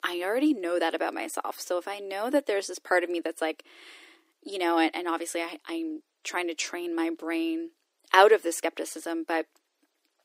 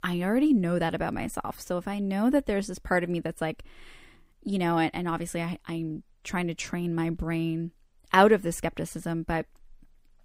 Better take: second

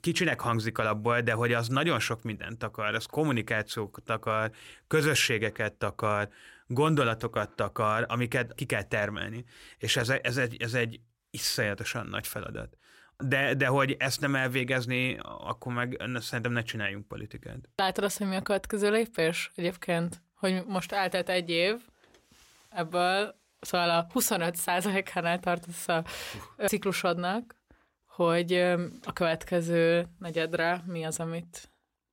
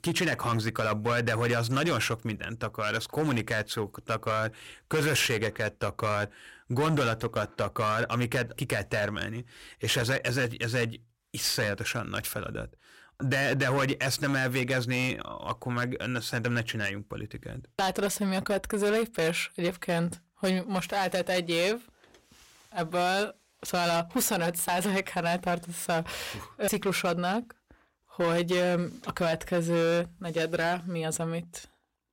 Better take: first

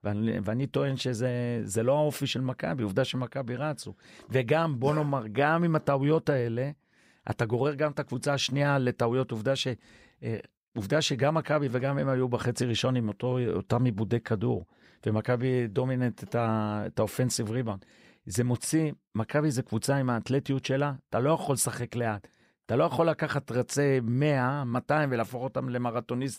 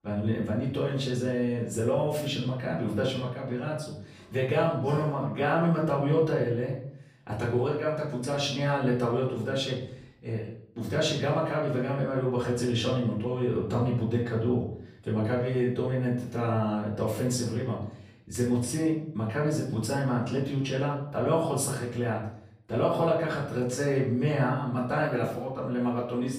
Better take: first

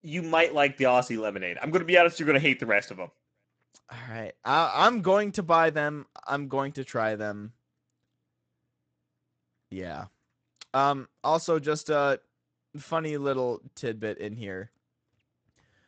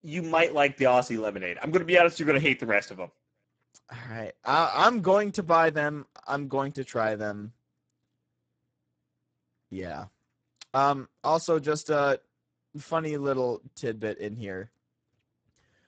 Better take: first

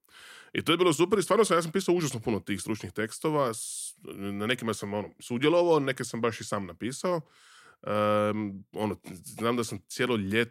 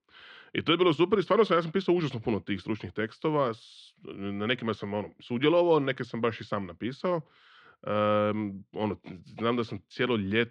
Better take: first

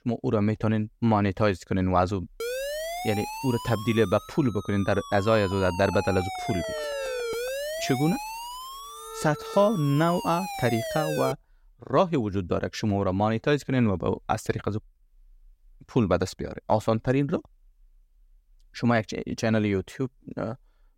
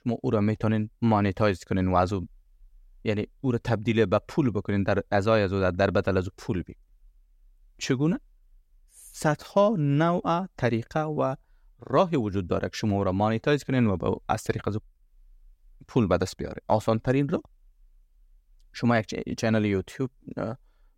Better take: second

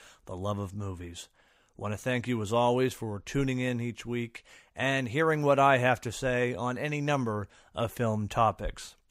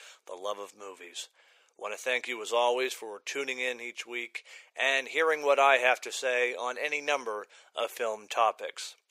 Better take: first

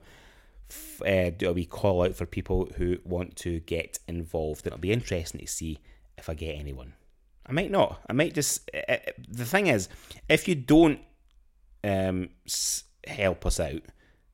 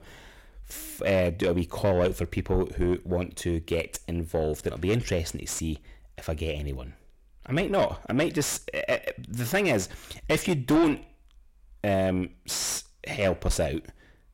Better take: first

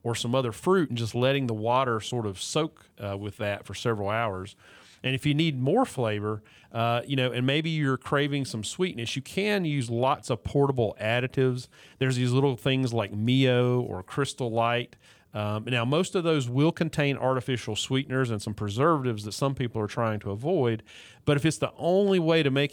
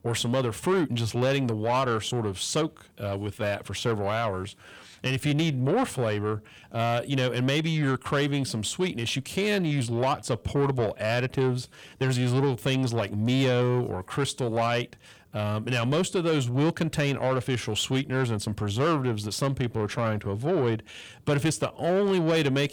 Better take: first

